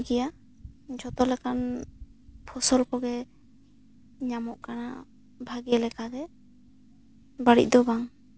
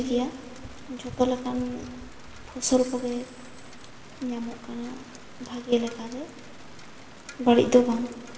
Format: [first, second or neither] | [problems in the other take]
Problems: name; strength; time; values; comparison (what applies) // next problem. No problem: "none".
first | background sound (Rain); 19 dB below the speech // room echo; dies away in 1.7 s